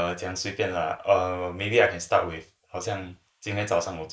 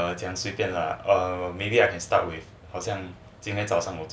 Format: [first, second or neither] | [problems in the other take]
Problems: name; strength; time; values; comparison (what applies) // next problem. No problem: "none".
second | noise reduction (neural mask model Resemble Enhance denoiser)